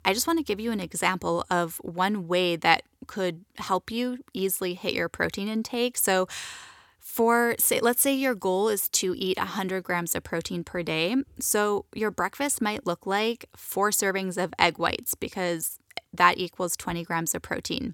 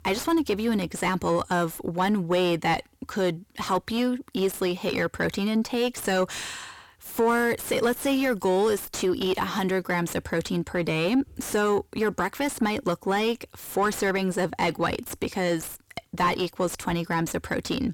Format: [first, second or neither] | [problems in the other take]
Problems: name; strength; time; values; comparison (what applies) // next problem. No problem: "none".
first | distortion; heavy; 6 dB below the speech